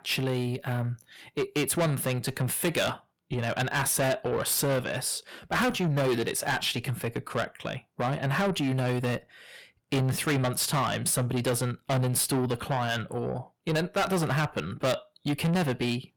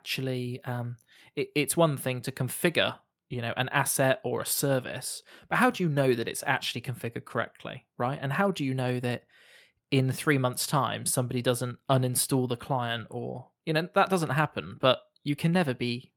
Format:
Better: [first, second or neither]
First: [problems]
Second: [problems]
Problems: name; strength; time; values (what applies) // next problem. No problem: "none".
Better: second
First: distortion; heavy; 6 dB below the speech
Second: none